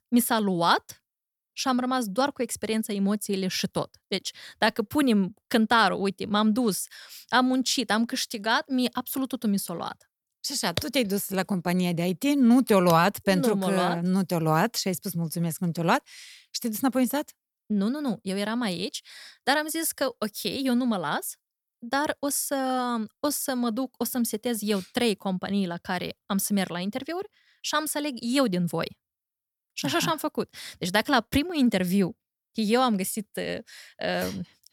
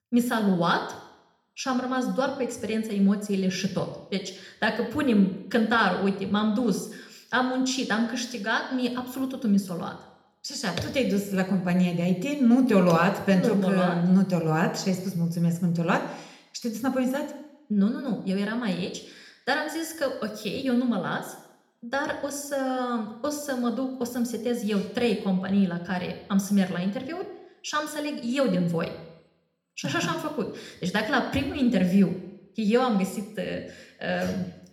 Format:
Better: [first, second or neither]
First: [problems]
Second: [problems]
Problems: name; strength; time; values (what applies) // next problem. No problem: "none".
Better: first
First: none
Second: room echo; slight; dies away in 0.8 s // off-mic speech; somewhat distant